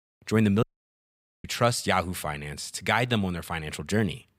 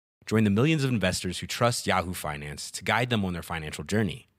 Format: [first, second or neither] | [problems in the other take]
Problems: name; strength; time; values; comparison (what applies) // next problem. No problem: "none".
second | audio cutting out; at 0.5 s for 1 s